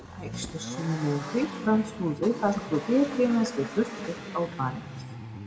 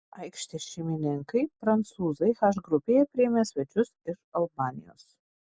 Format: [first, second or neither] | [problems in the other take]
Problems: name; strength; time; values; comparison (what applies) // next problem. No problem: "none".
second | background sound (Accelerating, revving, vroom); 11 dB below the speech // room echo; dies away in 1.2 s